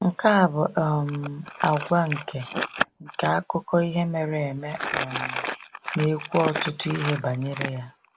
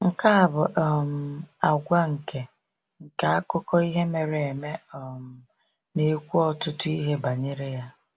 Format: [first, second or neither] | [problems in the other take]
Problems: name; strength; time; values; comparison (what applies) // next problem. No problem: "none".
second | background sound (Crumpling, crinkling); 8 dB below the speech